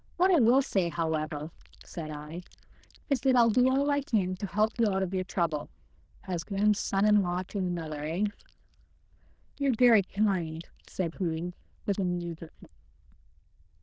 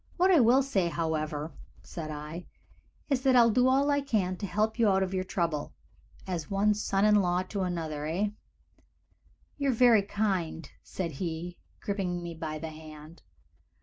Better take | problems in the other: second | noise reduction (neural diffusion model UNIVERSE++)

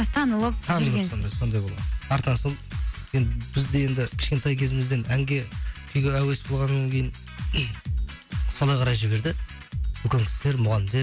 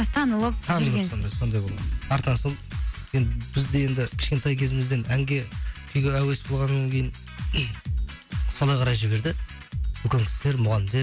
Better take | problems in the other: first | background sound (Boom); 17 dB below the speech

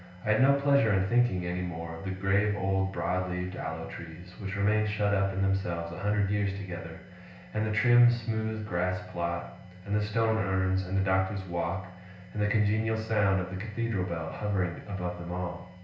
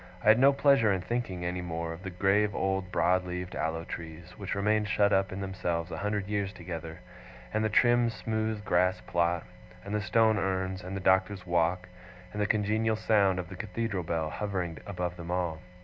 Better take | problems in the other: second | room echo; dies away in 0.5 s

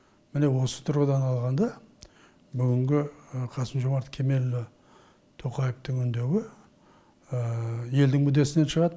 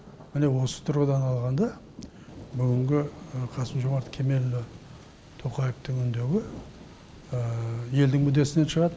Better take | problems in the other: first | background sound (Thunder); 17 dB below the speech

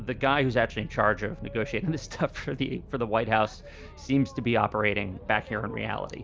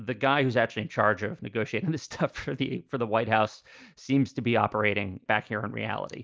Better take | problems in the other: second | background sound (Boat, Water vehicle); 16 dB below the speech

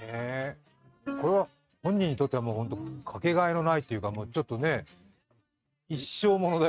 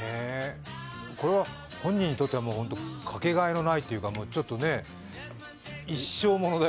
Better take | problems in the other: second | noise reduction (neural mask model RNNoise)

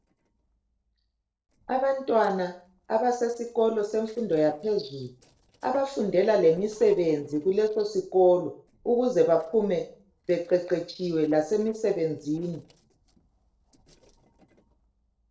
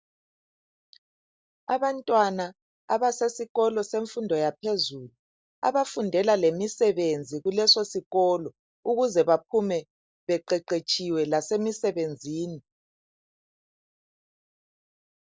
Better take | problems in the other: second | noise reduction (neural separator model SepFormer DNS4)

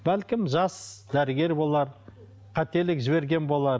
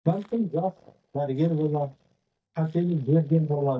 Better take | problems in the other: first | noise reduction (neural mask model DeepFilterNet 3)

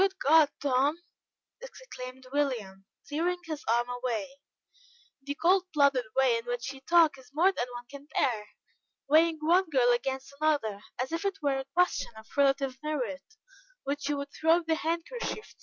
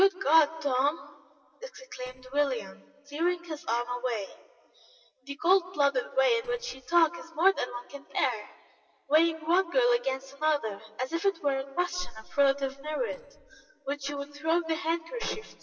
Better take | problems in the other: first | noise reduction (neural separator model SepFormer DNS4)

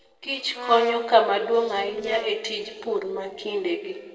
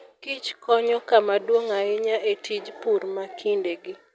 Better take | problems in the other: second | noise reduction (neural separator model SepFormer DNS4)

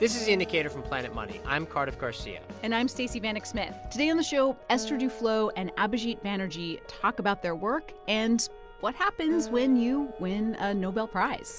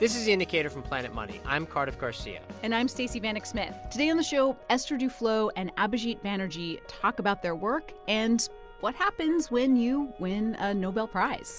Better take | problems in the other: second | background sound (Acoustic guitar); 16 dB below the speech

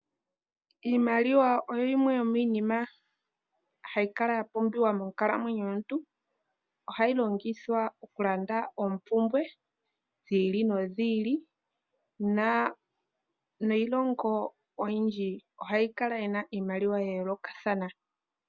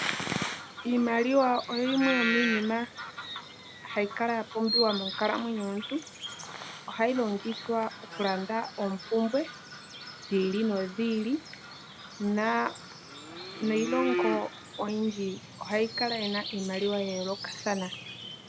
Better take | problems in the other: first | background sound (Bird vocalization, bird call, bird song); 7 dB below the speech

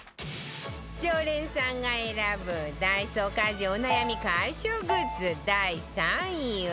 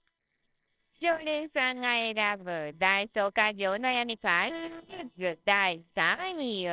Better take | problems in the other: first | noise reduction (neural separator model SepFormer WHAMR!)

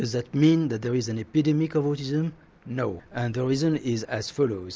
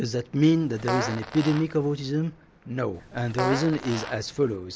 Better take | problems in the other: first | background sound (Fart); 8 dB below the speech

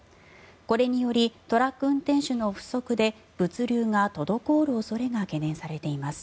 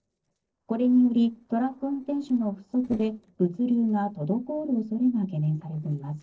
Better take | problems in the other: first | noise reduction (neural separator model SepFormer DNS4)

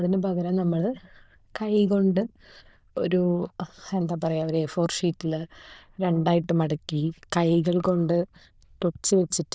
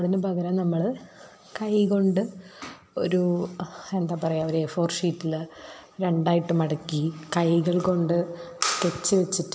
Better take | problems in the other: second | noise reduction (neural diffusion model UNIVERSE++)

